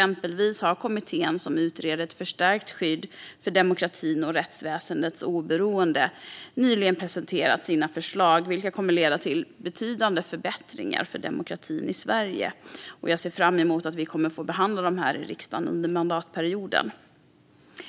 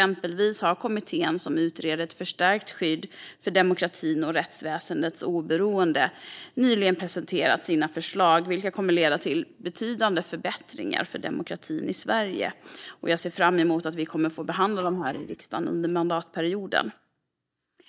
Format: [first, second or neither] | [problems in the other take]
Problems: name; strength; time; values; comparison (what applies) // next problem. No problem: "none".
first | noise reduction (neural mask model DeepFilterNet 3)